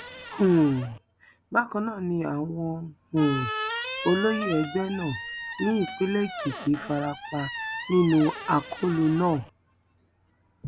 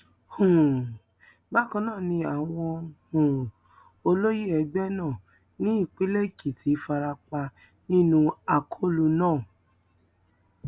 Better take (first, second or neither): second